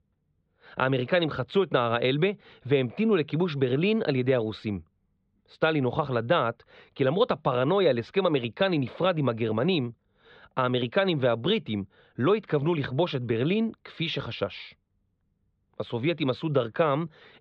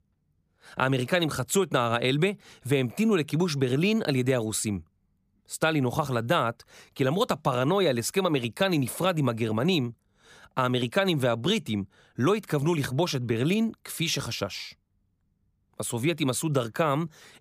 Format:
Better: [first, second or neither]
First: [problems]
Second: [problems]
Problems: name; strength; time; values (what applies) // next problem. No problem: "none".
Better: second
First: muffled; very; fading above 3.5 kHz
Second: none